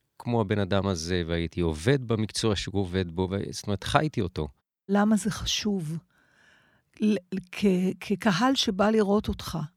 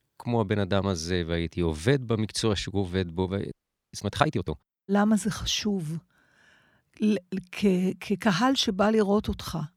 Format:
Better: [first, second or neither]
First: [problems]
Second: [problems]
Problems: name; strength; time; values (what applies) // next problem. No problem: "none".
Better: first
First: none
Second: audio freezing; at 3.5 s